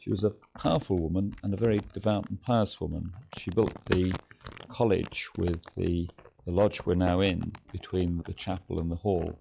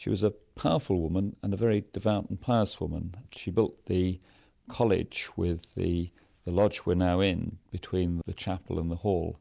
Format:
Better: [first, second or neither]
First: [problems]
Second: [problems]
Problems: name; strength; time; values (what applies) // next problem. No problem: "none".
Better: second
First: noise reduction (classical method log-MMSE)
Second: none